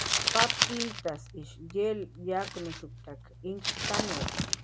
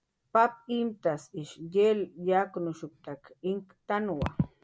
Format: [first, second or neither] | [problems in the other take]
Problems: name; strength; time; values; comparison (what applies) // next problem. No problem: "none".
second | background sound (Crumpling, crinkling); 2 dB above the speech